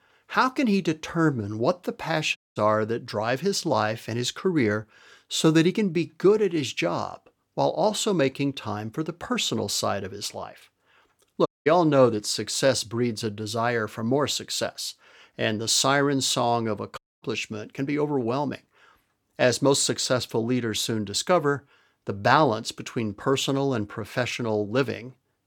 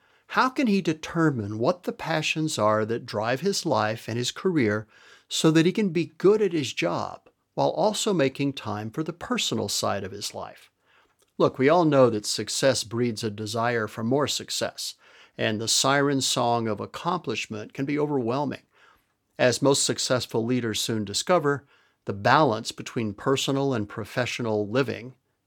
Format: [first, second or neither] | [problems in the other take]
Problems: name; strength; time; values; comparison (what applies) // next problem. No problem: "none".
second | audio cutting out; at 2.5 s, at 11 s and at 17 s